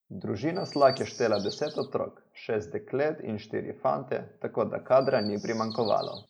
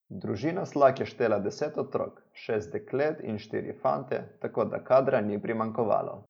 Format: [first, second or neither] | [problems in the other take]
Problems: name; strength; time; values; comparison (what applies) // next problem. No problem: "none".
second | background sound (Chirp, tweet); 19 dB below the speech